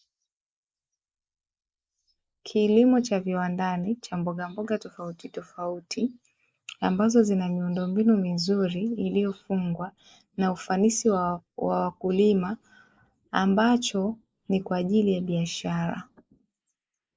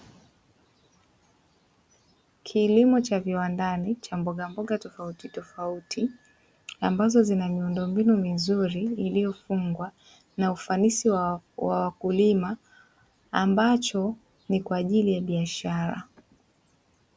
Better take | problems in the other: second | noise reduction (neural mask model Resemble Enhance denoiser)

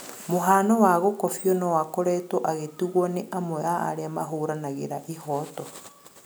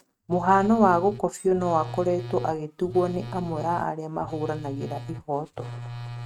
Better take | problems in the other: first | noise reduction (neural mask model RNNoise)

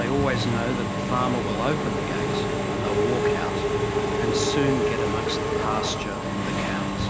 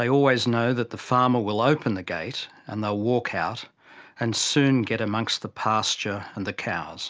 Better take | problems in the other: second | background sound (Engine / Mechanisms); 4 dB above the speech

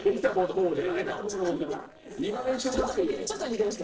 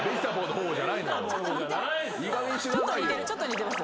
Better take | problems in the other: second | noise reduction (neural separator model SepFormer DNS4)

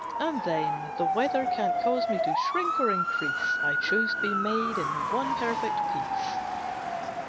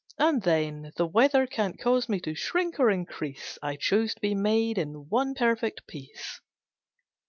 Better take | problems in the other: second | background sound (Motor vehicle (road) / Siren); 4 dB above the speech

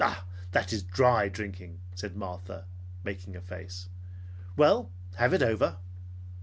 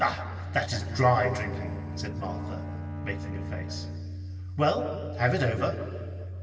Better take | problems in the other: first | background sound (Bowed string instrument); 13 dB below the speech // room echo; dies away in 2.4 s

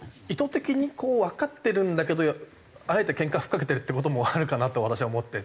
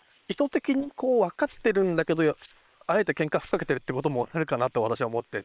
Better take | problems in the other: first | noise reduction (neural separator model SepFormer WHAM!)

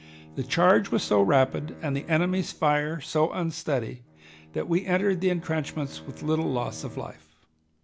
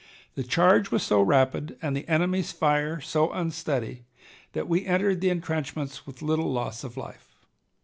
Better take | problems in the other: second | background sound (Bowed string instrument); 20 dB below the speech

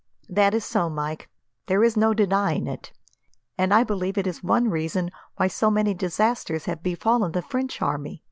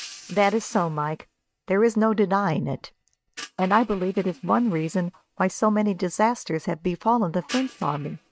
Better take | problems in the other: first | noise reduction (neural mask model RNNoise)

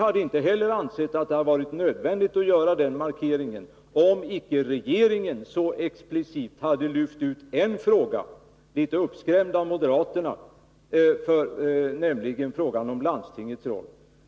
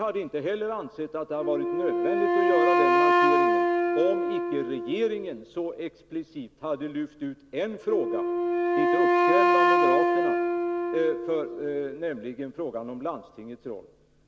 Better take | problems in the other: first | background sound (Wind instrument, woodwind instrument); 5 dB above the speech

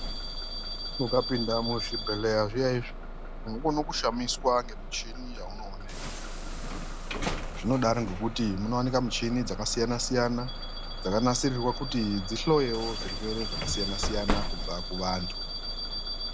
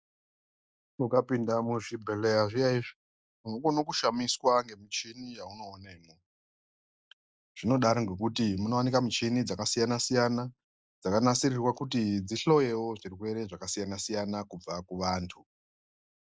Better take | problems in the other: second | background sound (Bus / Alarm); 4 dB below the speech

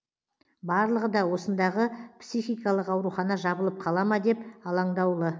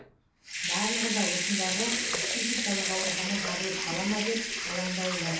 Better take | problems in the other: first | background sound (Sink (filling or washing) / Water tap, faucet / Liquid); 3 dB above the speech // room echo; dies away in 0.7 s

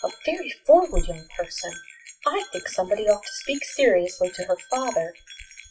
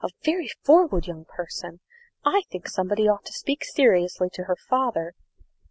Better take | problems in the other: second | noise reduction (classical method WPE with log-MMSE)

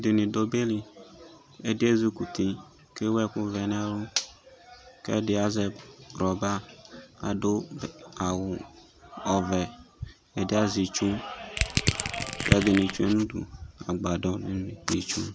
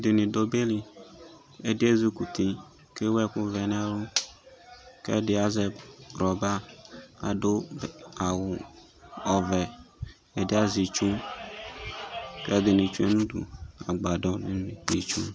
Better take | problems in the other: second | background sound (Crushing); as loud as the speech

